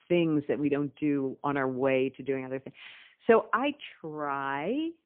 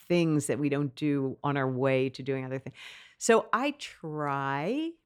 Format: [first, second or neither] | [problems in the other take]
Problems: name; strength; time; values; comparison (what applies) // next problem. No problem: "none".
second | phone-call audio; poor line